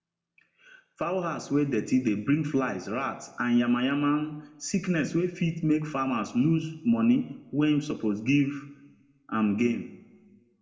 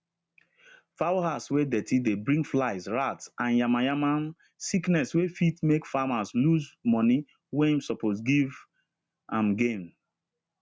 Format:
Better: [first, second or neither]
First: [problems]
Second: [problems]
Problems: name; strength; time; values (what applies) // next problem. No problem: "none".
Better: second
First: room echo; dies away in 0.7 s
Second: none